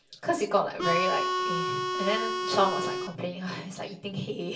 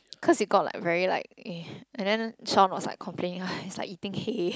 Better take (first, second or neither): second